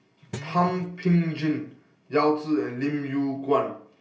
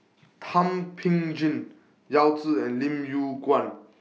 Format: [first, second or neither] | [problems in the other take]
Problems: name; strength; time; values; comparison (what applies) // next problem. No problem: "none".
second | background sound (Guitar); 15 dB below the speech // room echo; dies away in 0.3 s